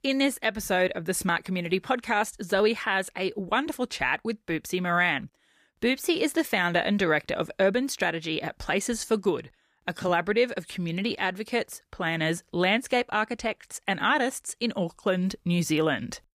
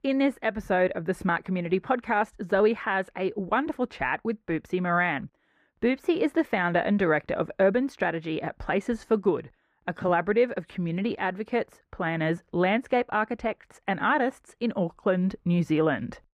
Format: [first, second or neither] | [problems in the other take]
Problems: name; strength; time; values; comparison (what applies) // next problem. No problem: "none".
first | muffled; very; fading above 3 kHz